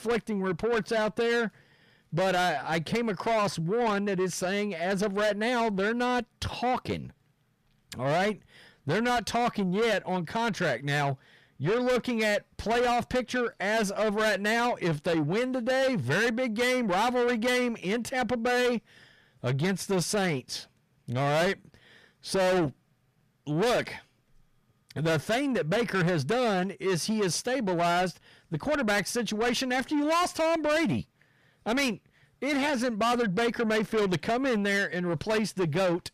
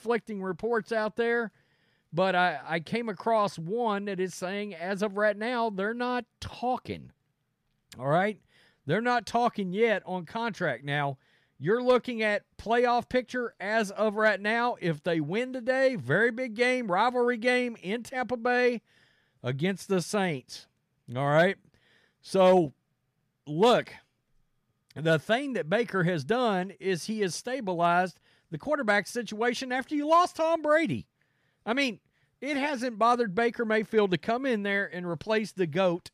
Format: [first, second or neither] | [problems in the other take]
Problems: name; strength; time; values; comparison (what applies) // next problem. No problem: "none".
second | distortion; heavy; 6 dB below the speech